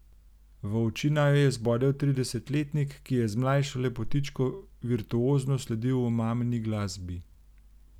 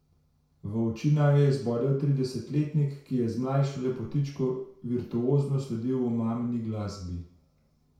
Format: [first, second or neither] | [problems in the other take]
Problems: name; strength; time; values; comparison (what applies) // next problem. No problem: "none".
first | room echo; dies away in 0.5 s